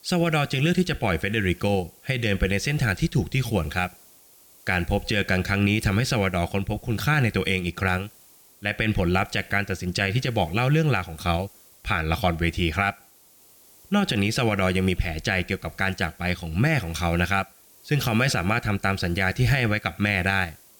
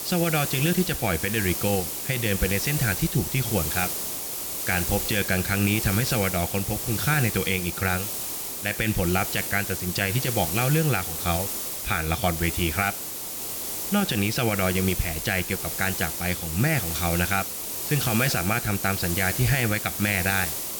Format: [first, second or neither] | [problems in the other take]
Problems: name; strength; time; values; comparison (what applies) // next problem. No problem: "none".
first | hiss; loud; throughout; 2 dB below the speech; faint in the first